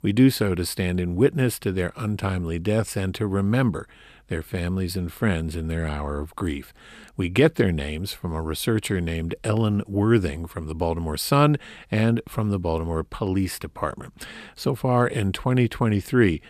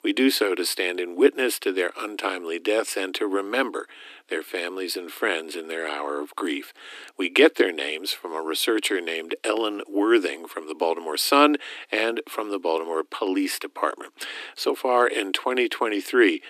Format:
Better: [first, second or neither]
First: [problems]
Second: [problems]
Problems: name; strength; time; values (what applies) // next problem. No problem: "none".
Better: first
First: none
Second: thin; somewhat; fading below 300 Hz